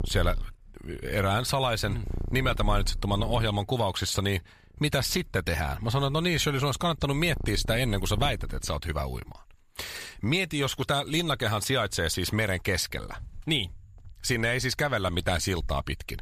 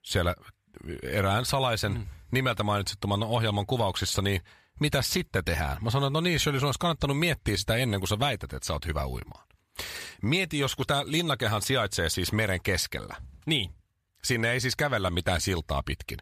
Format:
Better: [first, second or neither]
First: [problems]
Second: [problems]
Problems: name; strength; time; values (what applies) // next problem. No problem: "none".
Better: second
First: animal sounds; noticeable; throughout; 15 dB below the speech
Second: none